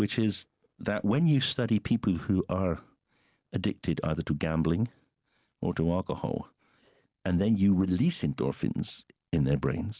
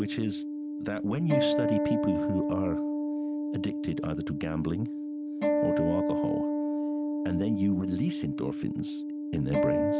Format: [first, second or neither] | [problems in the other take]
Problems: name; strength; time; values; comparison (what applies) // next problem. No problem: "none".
first | background sound (Acoustic guitar); 3 dB above the speech